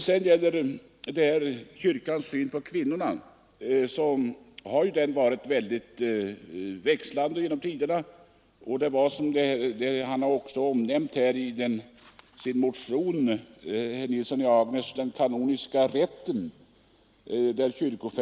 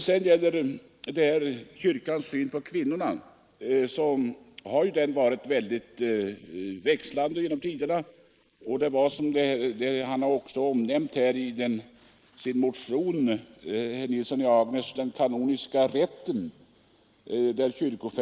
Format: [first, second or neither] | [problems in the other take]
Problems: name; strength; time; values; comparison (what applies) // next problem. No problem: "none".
first | noise reduction (neural mask model Resemble Enhance denoiser)